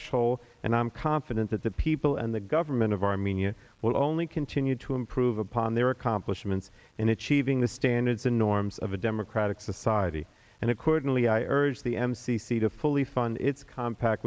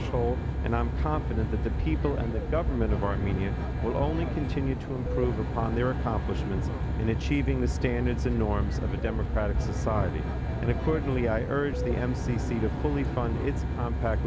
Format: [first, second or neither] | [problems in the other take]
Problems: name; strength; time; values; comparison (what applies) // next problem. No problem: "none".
first | background sound (Aircraft); 2 dB above the speech